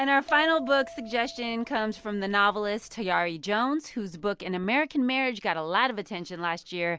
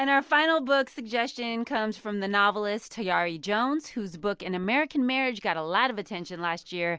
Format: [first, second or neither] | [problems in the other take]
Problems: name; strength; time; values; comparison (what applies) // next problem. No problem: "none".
second | background sound (Bell); 16 dB below the speech